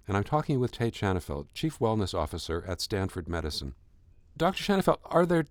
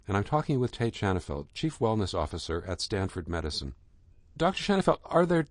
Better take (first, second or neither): first